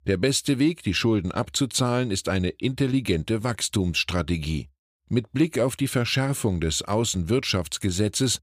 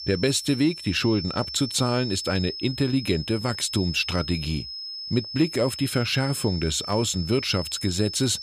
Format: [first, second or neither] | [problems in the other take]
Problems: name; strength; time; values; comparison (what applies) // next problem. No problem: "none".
first | high-pitched whine; loud; throughout; 5 kHz, 8 dB below the speech